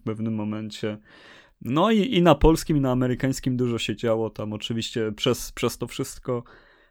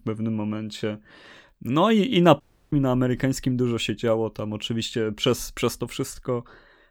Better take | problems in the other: first | audio cutting out; at 2.5 s

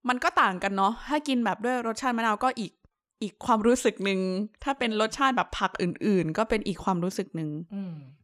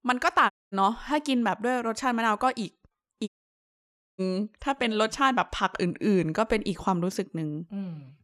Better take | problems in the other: first | audio cutting out; at 0.5 s and at 3.5 s for 1 s

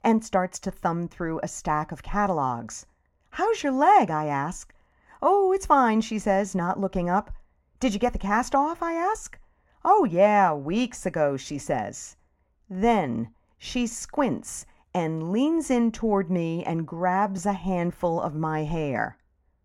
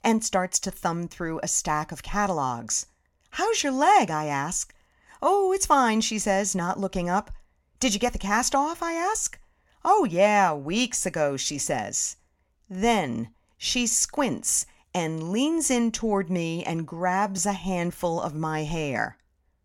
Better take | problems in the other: second | muffled; slightly; fading above 2.5 kHz

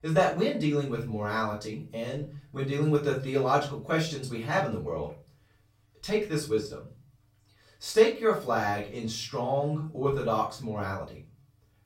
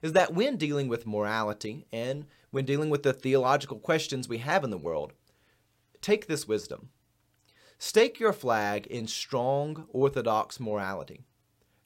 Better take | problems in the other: second | room echo; slight; dies away in 0.4 s // off-mic speech; far

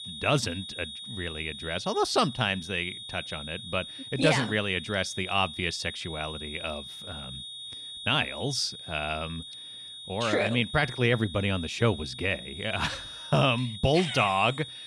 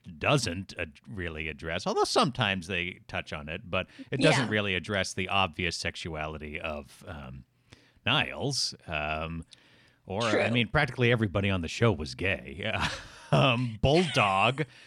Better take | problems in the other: second | high-pitched whine; noticeable; throughout; 3.5 kHz, 10 dB below the speech

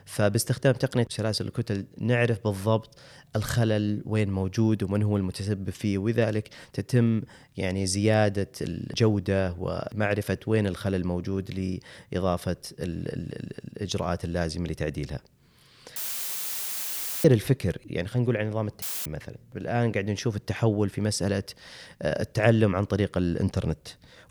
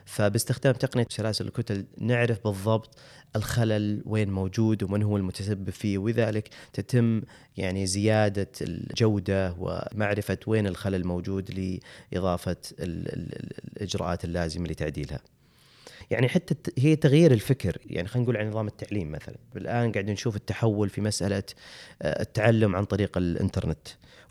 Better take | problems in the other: second | audio cutting out; filled with static; at 16 s for 1.5 s and at 19 s

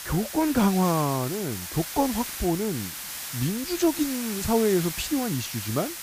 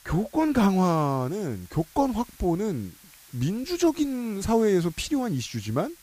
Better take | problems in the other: second | hiss; loud; throughout; 7 dB below the speech; faint in the second

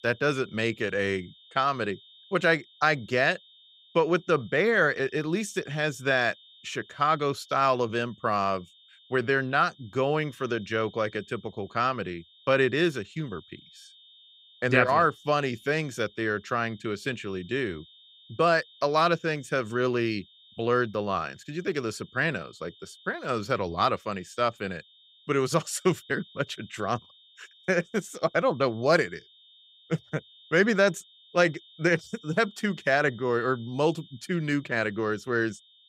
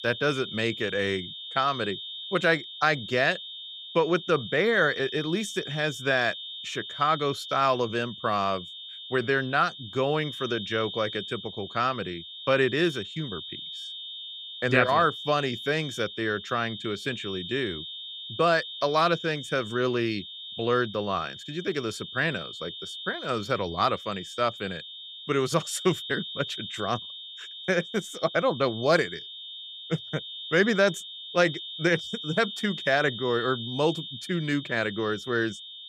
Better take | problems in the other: first | high-pitched whine; loud; throughout; 3.5 kHz, 10 dB below the speech; faint in the first

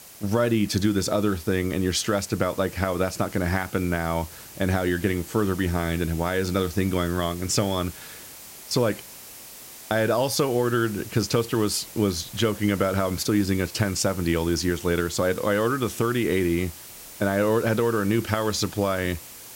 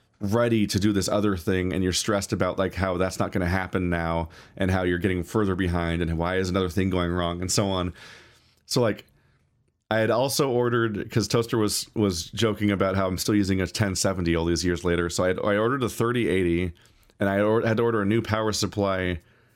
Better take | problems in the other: second | hiss; noticeable; throughout; 15 dB below the speech

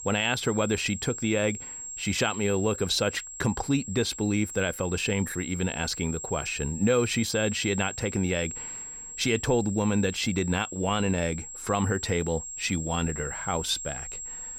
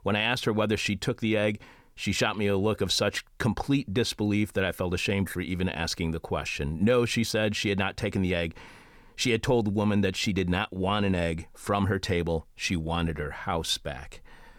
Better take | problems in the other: second | high-pitched whine; loud; throughout; 7.5 kHz, 9 dB below the speech

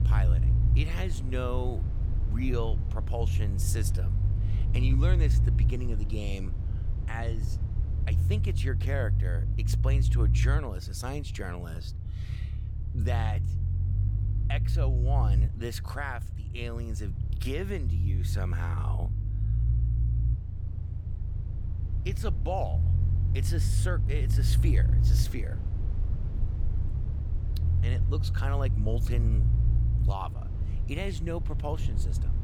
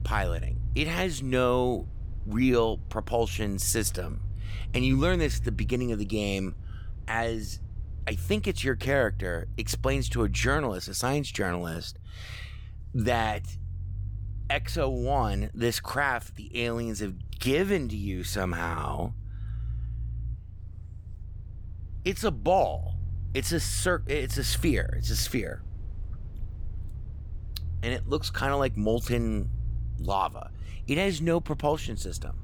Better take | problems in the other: second | low rumble; loud; throughout; 6 dB below the speech; faint in the second

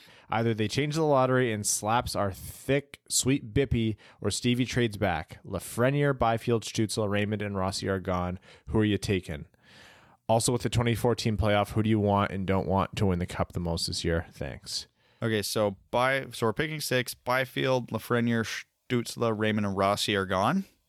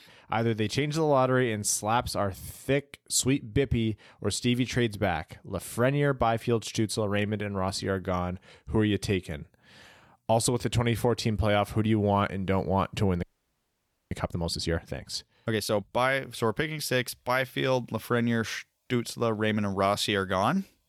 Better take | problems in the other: first | audio freezing; at 13 s for 1 s

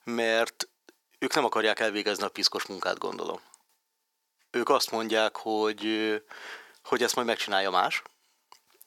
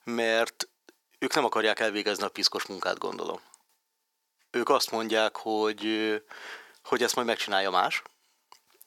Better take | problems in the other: neither | thin; very; fading below 650 Hz; the same in both

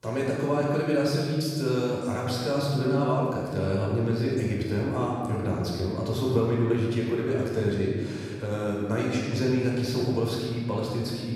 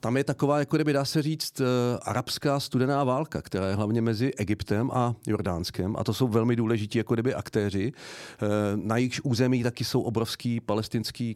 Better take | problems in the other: second | off-mic speech; far // room echo; strong; dies away in 2 s

